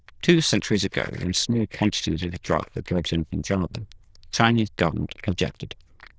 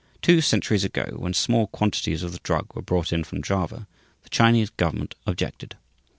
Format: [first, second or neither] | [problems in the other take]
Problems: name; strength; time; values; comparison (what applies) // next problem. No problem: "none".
second | noise reduction (neural diffusion model UNIVERSE++)